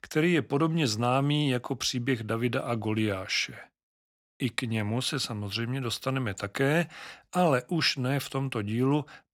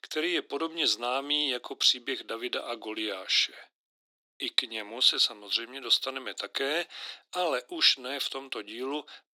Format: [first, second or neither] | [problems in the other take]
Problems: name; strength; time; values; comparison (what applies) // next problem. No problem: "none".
first | thin; somewhat; fading below 300 Hz